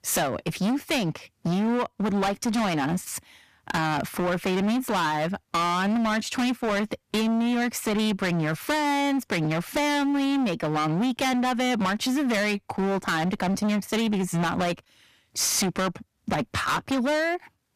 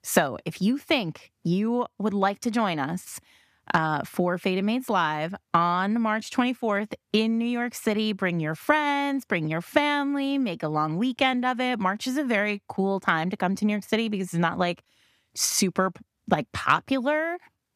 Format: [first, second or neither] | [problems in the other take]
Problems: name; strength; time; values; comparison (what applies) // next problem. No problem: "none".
second | distortion; heavy; 29% of the sound clipped